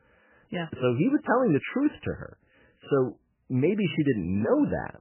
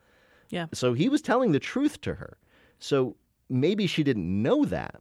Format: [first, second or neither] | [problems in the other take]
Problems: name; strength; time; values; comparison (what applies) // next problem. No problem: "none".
second | garbled, watery; badly; nothing above 3 kHz